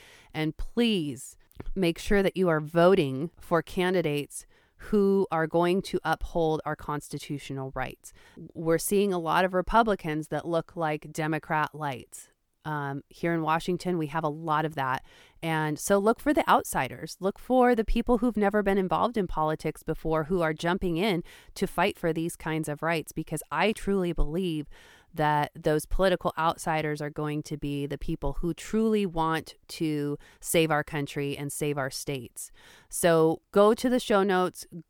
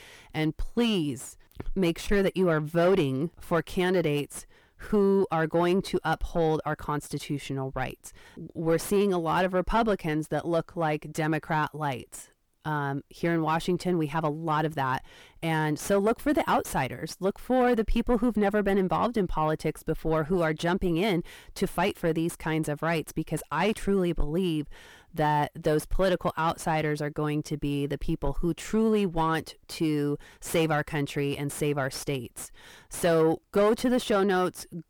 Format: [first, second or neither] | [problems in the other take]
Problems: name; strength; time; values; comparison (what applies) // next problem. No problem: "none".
first | distortion; slight; 10 dB below the speech